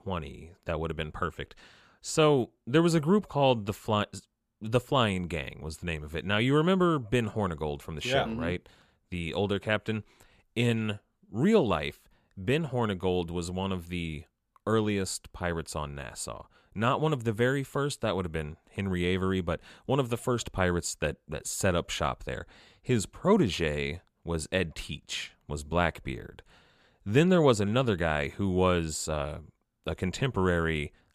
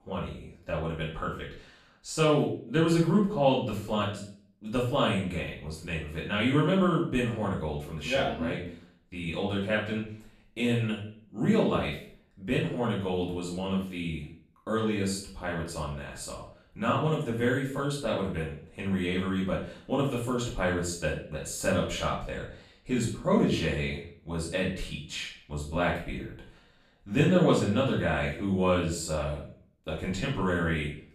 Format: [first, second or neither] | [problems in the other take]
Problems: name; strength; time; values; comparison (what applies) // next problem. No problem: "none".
first | room echo; noticeable; dies away in 0.4 s // off-mic speech; far